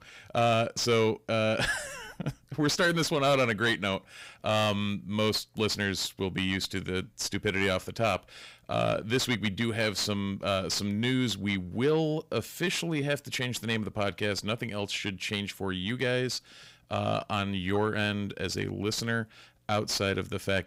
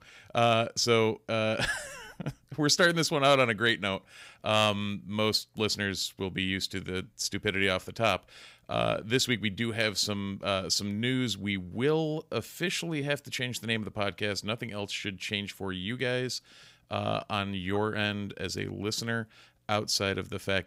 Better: second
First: distortion; slight; 10 dB below the speech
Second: none

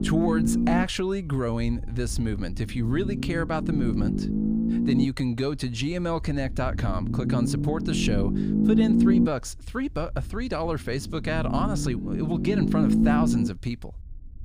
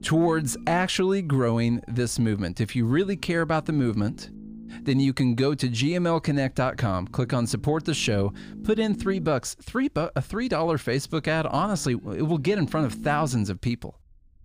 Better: second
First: low rumble; loud; throughout; 1 dB below the speech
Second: low rumble; faint; throughout; 20 dB below the speech

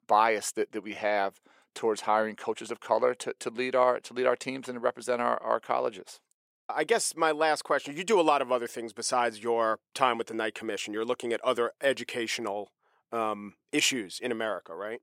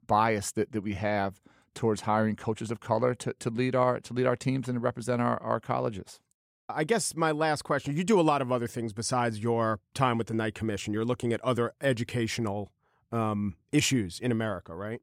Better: second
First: thin; somewhat; fading below 450 Hz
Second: none

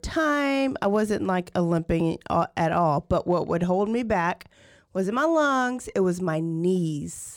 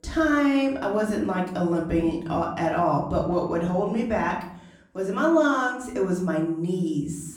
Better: first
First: none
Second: room echo; slight; dies away in 0.6 s // off-mic speech; far

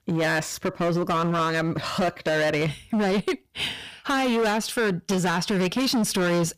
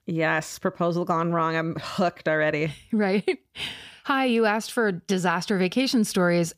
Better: second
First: distortion; heavy; 23% of the sound clipped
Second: none

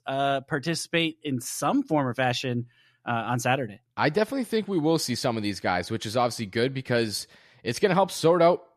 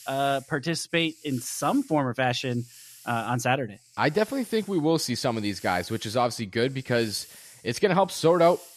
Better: first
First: none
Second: hiss; faint; throughout; 20 dB below the speech

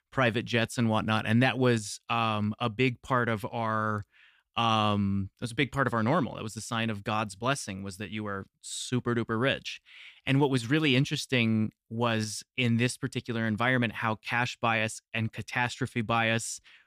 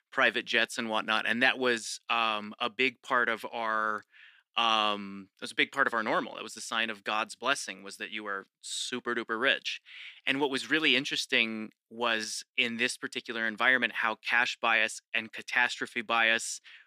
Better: first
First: none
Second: thin; somewhat; fading below 300 Hz

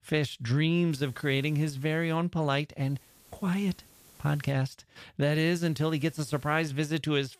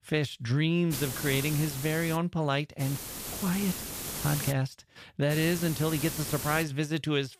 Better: first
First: hiss; faint; from 1 to 2 s, from 3 to 4.5 s and from 5.5 to 6.5 s; 25 dB below the speech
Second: hiss; loud; from 1 to 2 s, from 3 to 4.5 s and from 5.5 to 6.5 s; 6 dB below the speech

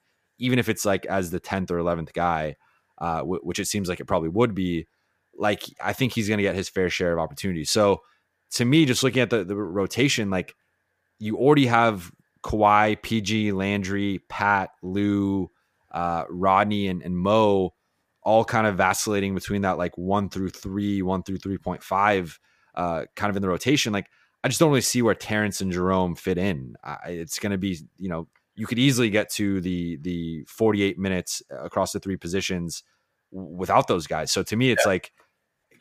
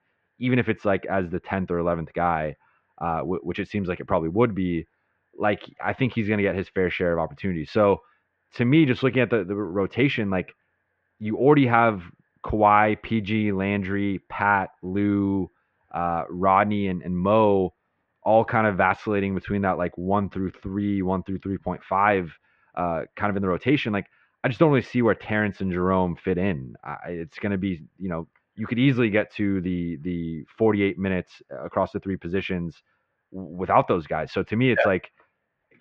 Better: first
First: none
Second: muffled; very; fading above 2.5 kHz

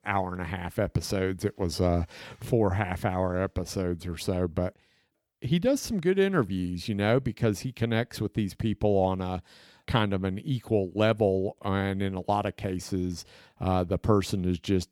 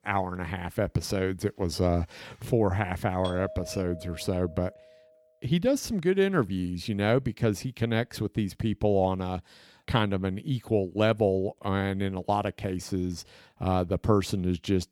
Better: first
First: none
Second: doorbell; noticeable; from 3 to 5 s; peak 10 dB below the speech

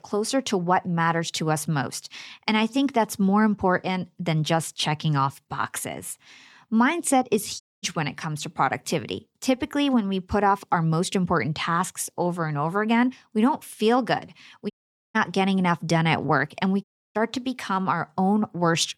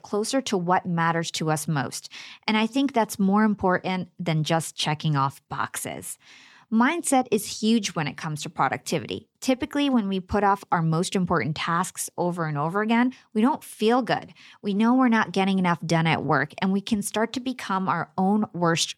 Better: second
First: audio cutting out; at 7.5 s, at 15 s and at 17 s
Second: none

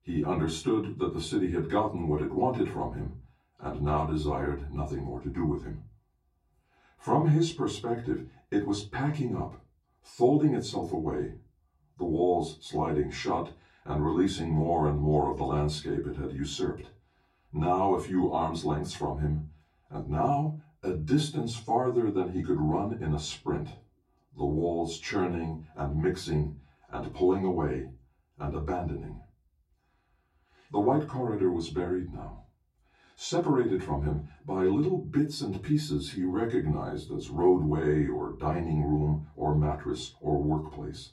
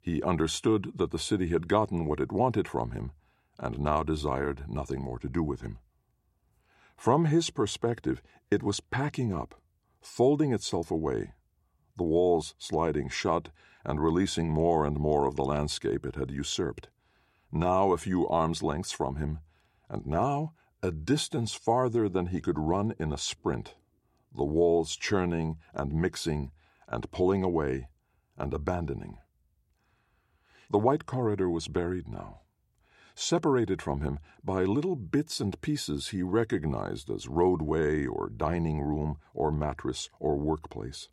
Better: second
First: off-mic speech; far // room echo; very slight; dies away in 0.3 s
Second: none

